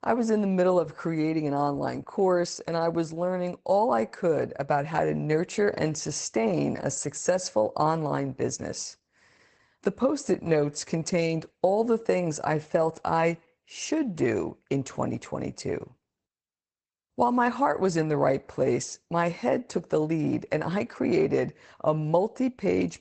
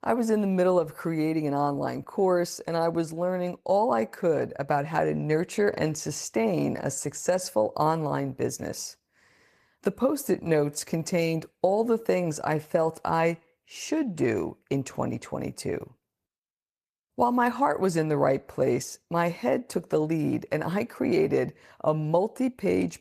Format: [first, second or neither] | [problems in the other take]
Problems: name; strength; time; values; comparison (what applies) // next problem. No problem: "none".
second | garbled, watery; badly; nothing above 8 kHz; slightly in the second